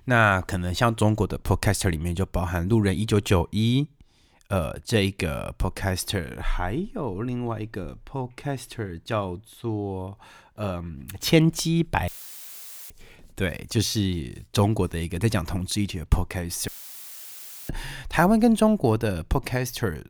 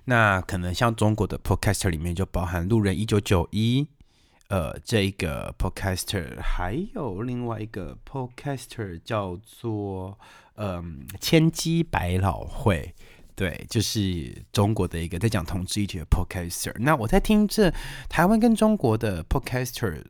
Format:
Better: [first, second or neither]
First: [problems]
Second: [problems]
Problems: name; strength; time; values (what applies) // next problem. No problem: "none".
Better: second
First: audio cutting out; filled with static; at 12 s for 1 s and at 17 s for 1 s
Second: none